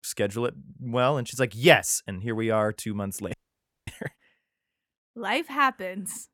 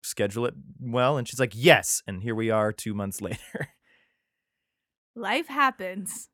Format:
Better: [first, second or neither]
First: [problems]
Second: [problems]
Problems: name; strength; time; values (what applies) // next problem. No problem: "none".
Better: second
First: audio freezing; at 3.5 s for 0.5 s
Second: none